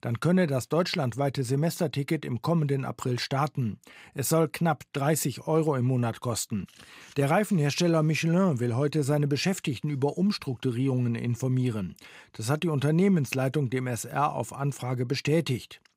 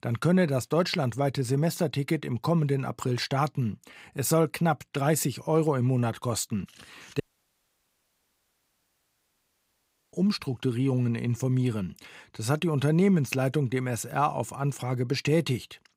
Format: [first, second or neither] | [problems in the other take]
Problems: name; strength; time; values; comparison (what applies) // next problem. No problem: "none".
first | audio cutting out; at 7 s for 3 s